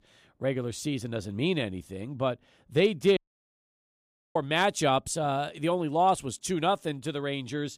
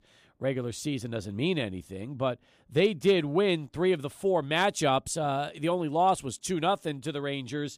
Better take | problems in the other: second | audio cutting out; at 3 s for 1 s

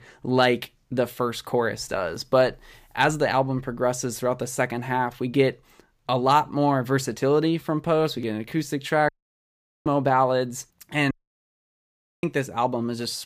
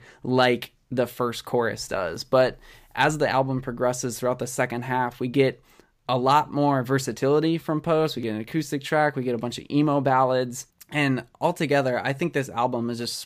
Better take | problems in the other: second | audio cutting out; at 9 s for 1 s and at 11 s for 1 s

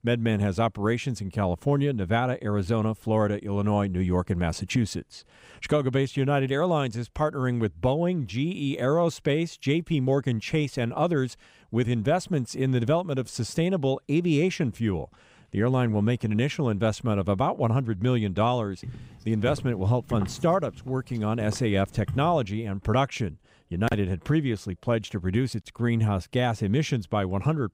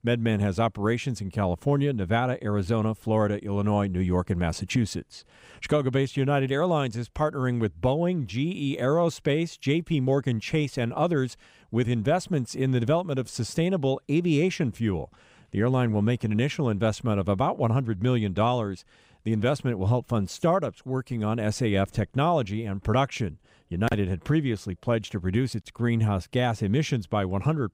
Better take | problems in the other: second | footsteps; noticeable; from 19 to 22 s; peak 7 dB below the speech

